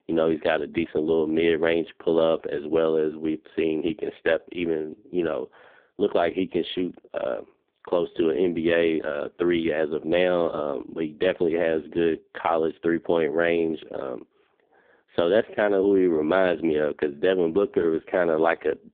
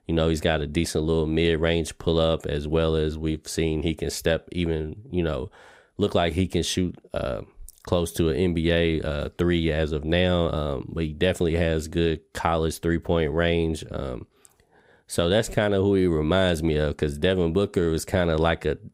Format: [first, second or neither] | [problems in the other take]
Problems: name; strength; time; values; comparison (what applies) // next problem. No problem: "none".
second | phone-call audio; poor line